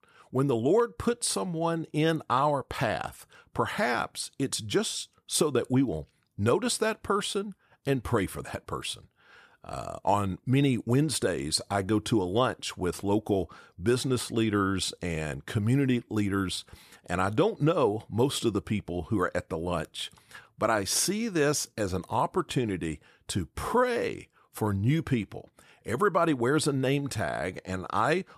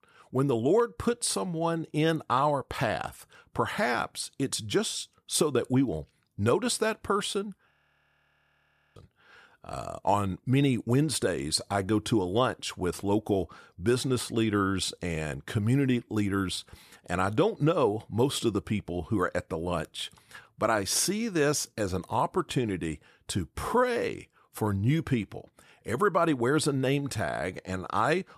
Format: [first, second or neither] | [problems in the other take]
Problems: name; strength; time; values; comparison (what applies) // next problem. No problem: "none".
first | audio freezing; at 7.5 s for 1.5 s